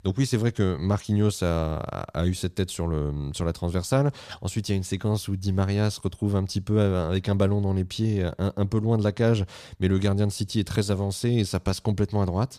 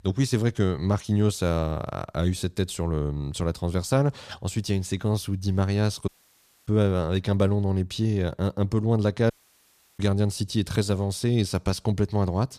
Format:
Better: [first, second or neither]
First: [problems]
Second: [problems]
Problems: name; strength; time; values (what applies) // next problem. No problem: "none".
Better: first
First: none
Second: audio cutting out; at 6 s for 0.5 s and at 9.5 s for 0.5 s